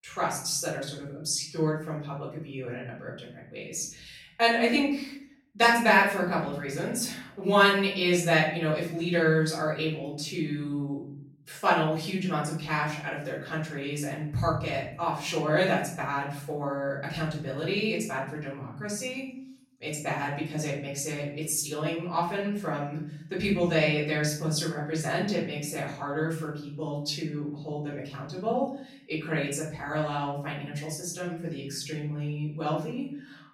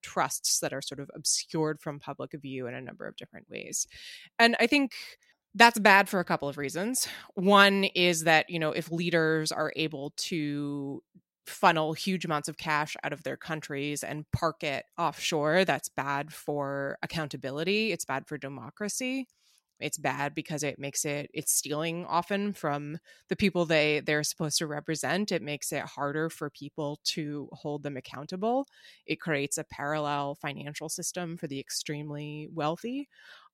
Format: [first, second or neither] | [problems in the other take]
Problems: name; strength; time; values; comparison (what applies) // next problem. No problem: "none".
second | off-mic speech; far // room echo; noticeable; dies away in 0.9 s